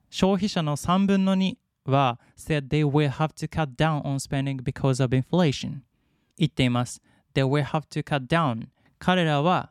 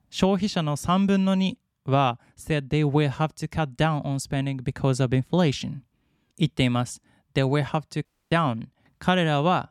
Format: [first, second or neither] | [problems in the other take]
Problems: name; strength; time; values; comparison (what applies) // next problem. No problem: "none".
first | audio cutting out; at 8 s